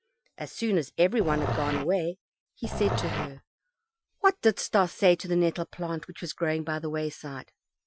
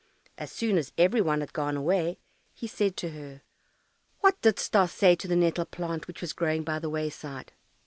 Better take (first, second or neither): second